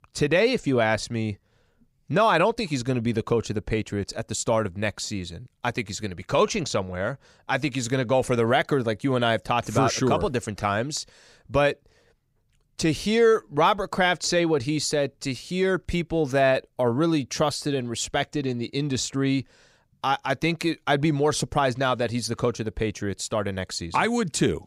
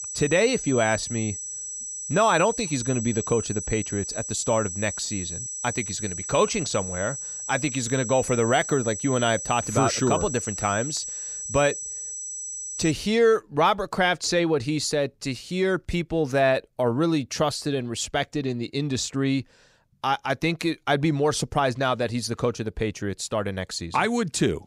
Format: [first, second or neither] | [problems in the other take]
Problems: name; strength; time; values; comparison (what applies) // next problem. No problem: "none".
first | high-pitched whine; loud; until 13 s; 8 kHz, 6 dB below the speech